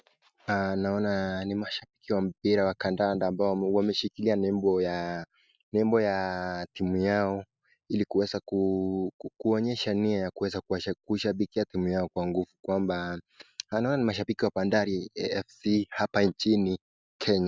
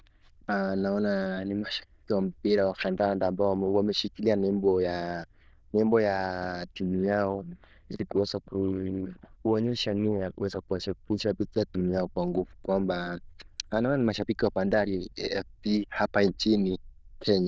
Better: first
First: none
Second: noise reduction (neural diffusion model UNIVERSE++)

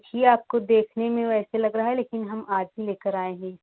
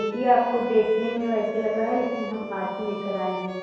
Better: first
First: none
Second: background sound (Bowed string instrument); 11 dB below the speech // room echo; dies away in 1.2 s

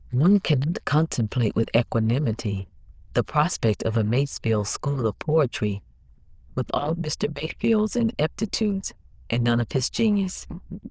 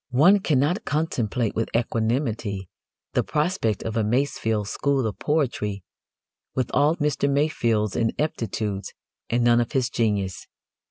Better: second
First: noise reduction (neural diffusion model UNIVERSE++)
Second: none

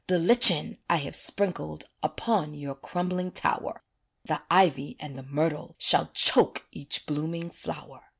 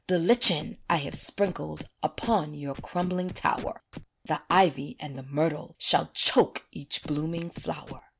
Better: first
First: none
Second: background sound (Scratching (performance technique)); 17 dB below the speech

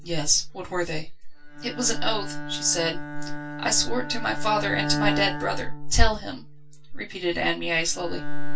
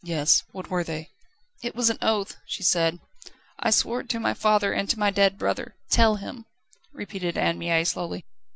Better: second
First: background sound (Bowed string instrument); 11 dB below the speech // room echo; dies away in 0.2 s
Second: none

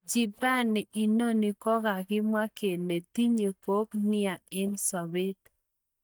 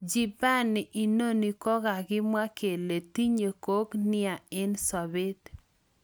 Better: second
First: noise reduction (neural mask model DeepFilterNet 3)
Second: none

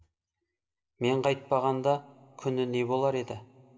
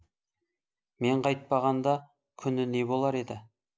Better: second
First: room echo; dies away in 2.3 s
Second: none

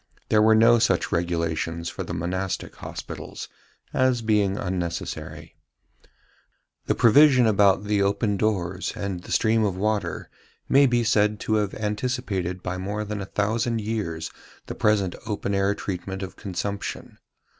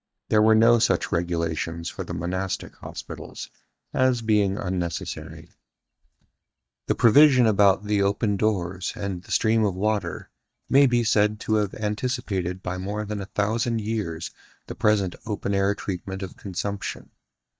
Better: first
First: none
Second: noise reduction (neural mask model DeepFilterNet 3)

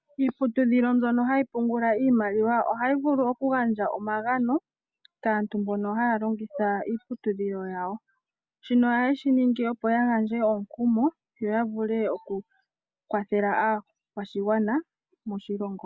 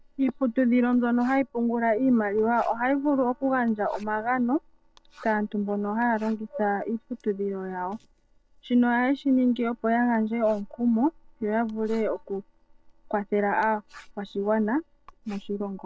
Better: first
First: none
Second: noise reduction (neural separator model SepFormer DNS4)

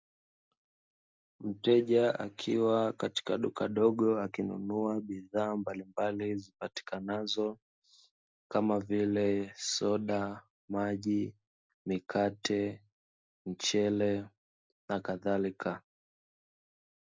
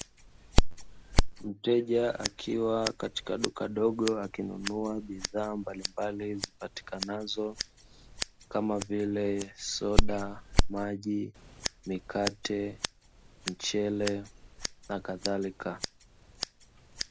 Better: first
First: none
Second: background sound (Scissors); 1 dB above the speech

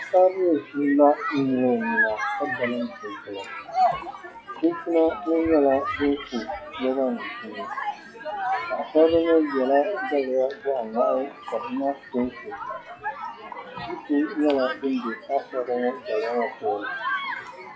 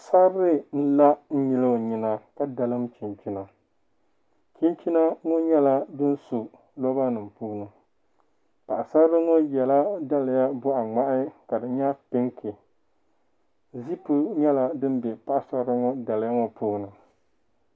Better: second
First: noise reduction (classical method log-MMSE)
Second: none

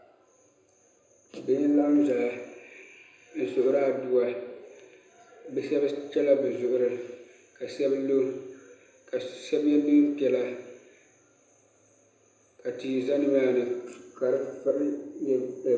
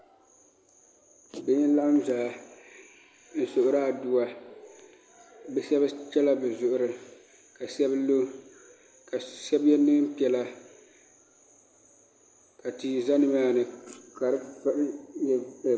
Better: second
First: room echo; dies away in 0.8 s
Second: none

